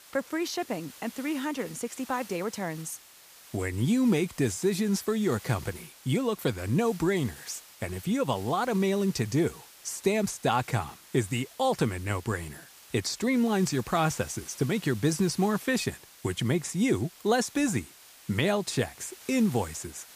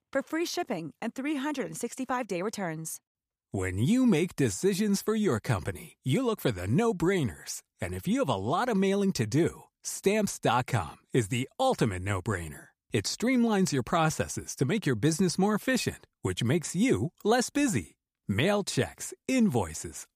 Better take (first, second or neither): second